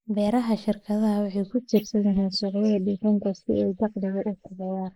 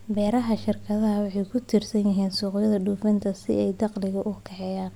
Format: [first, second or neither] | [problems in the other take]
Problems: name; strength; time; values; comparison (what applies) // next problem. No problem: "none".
second | noise reduction (neural mask model Resemble Enhance denoiser)